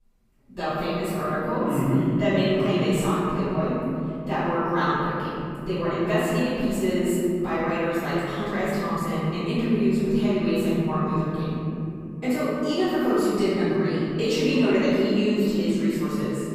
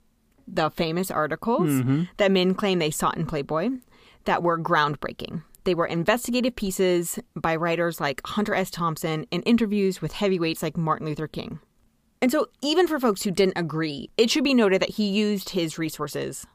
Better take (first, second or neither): second